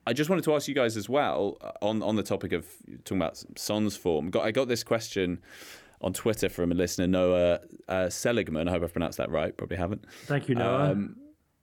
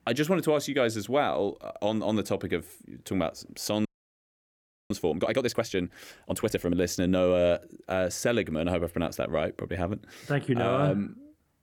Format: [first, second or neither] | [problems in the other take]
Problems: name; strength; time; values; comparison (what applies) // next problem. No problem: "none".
first | audio freezing; at 4 s for 1 s